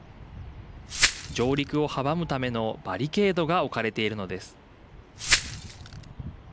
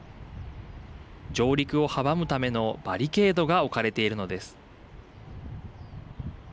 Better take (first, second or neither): second